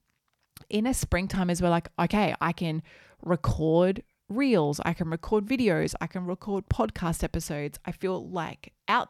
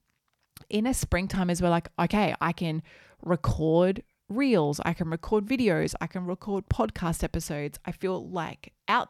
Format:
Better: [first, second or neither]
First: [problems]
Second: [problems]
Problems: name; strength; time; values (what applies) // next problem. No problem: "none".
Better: neither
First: none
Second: none